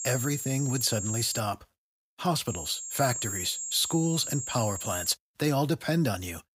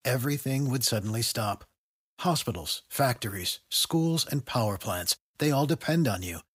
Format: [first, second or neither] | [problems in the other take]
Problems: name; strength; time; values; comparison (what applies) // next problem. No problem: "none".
second | high-pitched whine; loud; until 1.5 s and from 2.5 to 5 s; 7.5 kHz, 5 dB below the speech